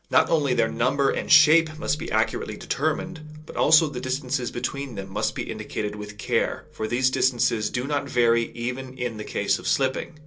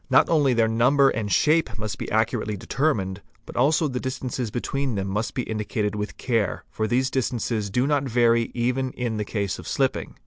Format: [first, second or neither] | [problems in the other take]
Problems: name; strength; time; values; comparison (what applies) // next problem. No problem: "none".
second | room echo; dies away in 0.2 s